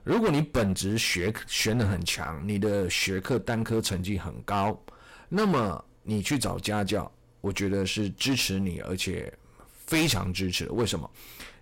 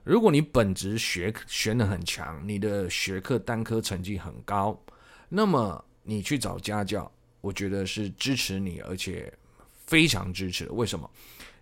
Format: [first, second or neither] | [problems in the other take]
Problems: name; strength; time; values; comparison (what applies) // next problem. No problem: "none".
second | distortion; heavy; 8% of the sound clipped